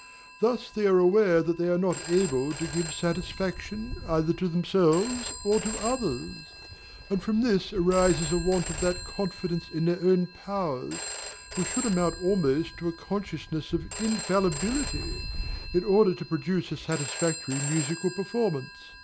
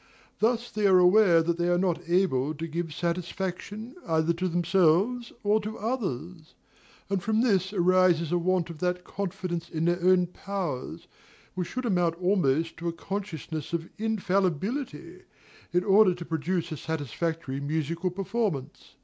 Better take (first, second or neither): second